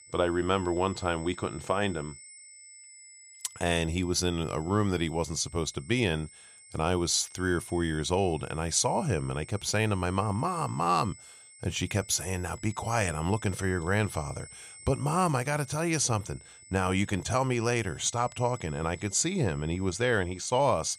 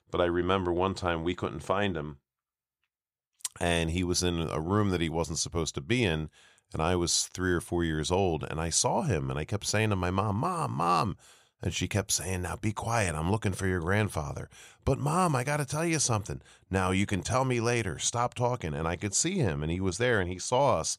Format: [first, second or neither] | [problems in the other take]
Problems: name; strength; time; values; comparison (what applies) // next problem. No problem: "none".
second | high-pitched whine; noticeable; throughout; 8 kHz, 20 dB below the speech